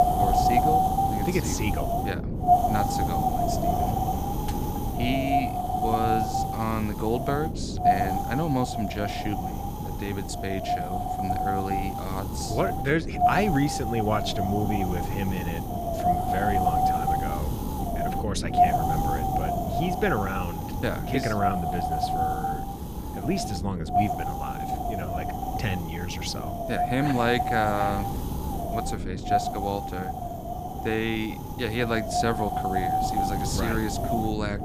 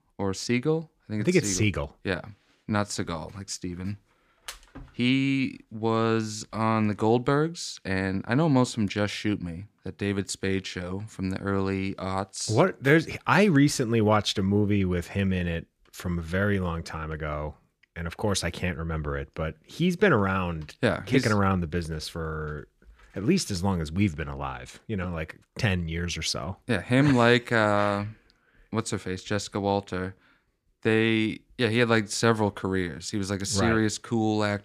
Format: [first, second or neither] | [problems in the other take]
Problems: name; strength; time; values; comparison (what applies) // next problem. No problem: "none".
second | wind noise on the microphone; heavy; 5 dB above the speech